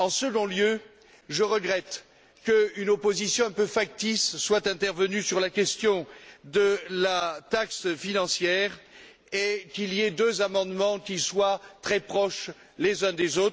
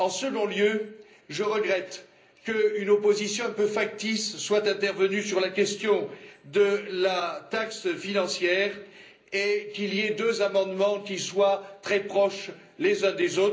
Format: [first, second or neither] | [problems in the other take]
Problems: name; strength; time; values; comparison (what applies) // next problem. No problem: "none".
first | room echo; dies away in 0.5 s